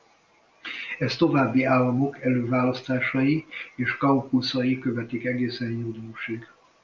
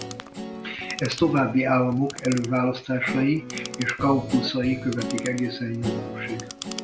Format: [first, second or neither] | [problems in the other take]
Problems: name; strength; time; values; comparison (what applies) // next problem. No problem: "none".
first | background sound (Guitar + Clock); 9 dB below the speech